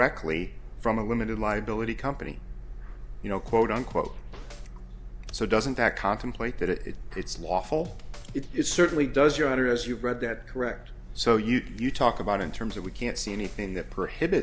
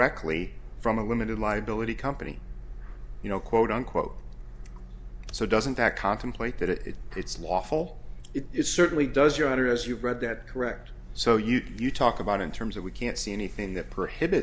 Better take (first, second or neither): second